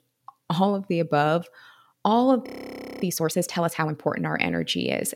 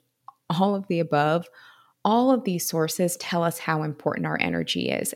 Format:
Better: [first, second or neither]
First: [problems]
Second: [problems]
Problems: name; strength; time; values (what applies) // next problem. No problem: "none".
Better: second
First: audio freezing; at 2.5 s for 0.5 s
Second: none